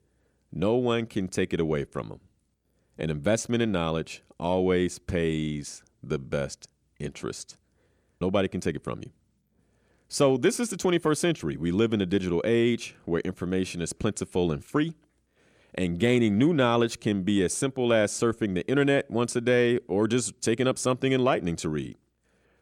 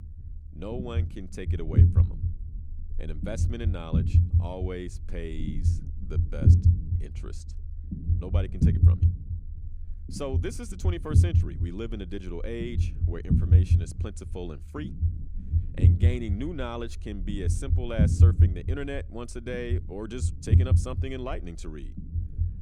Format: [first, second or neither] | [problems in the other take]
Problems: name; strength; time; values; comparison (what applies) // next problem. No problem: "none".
first | low rumble; loud; throughout; 1 dB below the speech